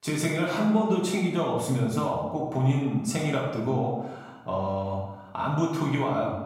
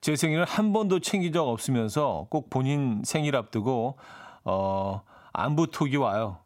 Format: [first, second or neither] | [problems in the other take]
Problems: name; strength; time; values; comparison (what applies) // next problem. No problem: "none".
second | room echo; noticeable; dies away in 0.8 s // off-mic speech; far